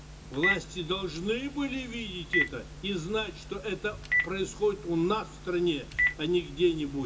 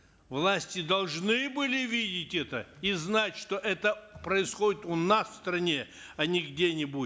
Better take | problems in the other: second | background sound (Telephone); 4 dB below the speech // room echo; dies away in 0.2 s

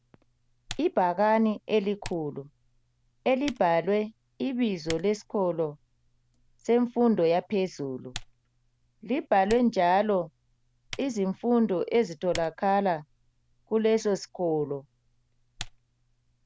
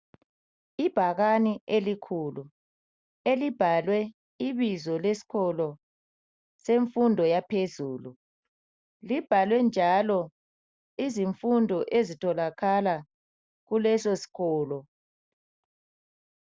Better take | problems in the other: second | background sound (Typing); 20 dB below the speech

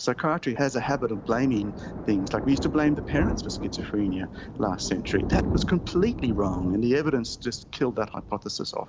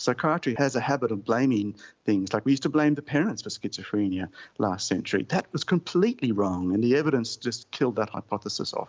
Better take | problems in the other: second | background sound (Thunder); 6 dB below the speech

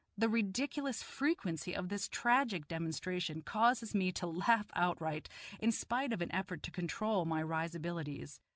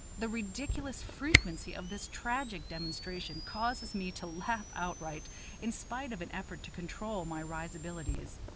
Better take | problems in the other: first | background sound (Camera); 1 dB above the speech

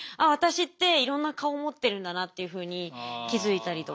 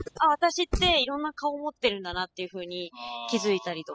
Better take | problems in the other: first | noise reduction (classical method spectral subtraction)

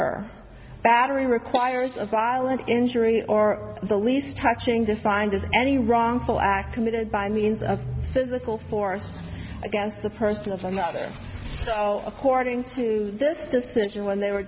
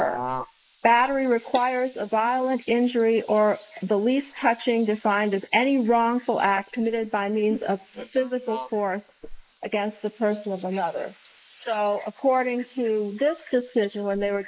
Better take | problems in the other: first | noise reduction (neural mask model Resemble Enhance denoiser)

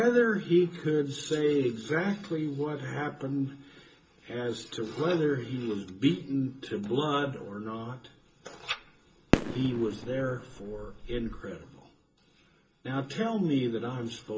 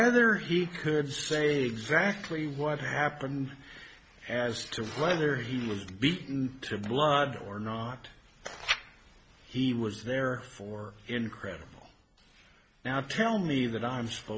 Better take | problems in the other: second | background sound (Fireworks); 2 dB below the speech // room echo; dies away in 0.2 s

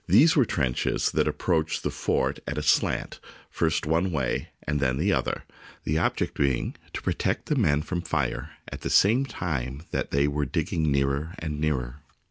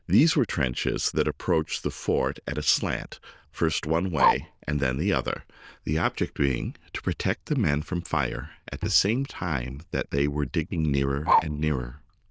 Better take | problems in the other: first | noise reduction (neural diffusion model UNIVERSE++)

